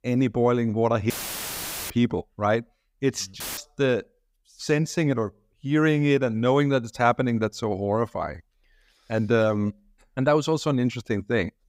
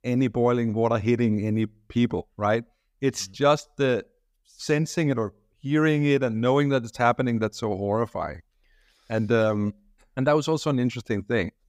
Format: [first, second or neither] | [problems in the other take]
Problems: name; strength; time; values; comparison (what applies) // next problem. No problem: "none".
second | audio cutting out; filled with static; at 1 s for 1 s and at 3.5 s